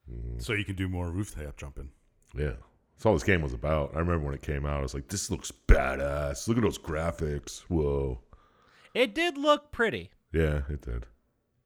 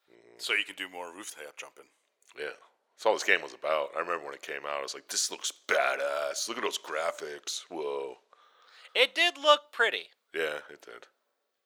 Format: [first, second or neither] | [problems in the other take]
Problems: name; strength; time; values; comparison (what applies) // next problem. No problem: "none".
first | thin; very; fading below 550 Hz